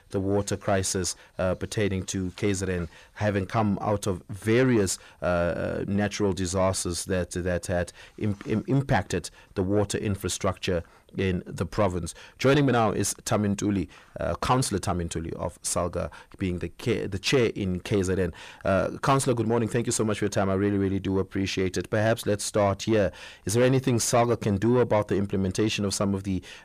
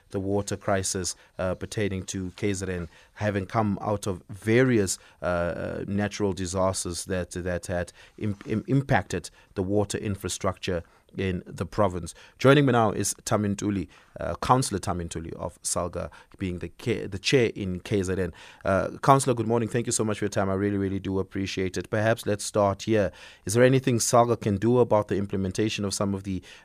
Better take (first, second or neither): second